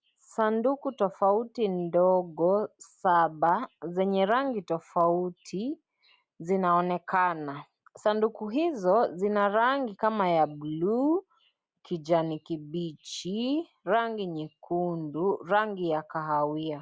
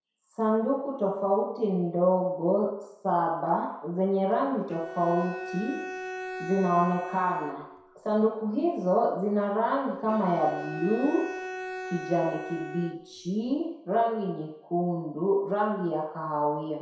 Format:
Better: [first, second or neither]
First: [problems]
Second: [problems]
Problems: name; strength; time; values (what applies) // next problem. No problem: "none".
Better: first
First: none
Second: background sound (Bowed string instrument); 11 dB below the speech // room echo; dies away in 0.7 s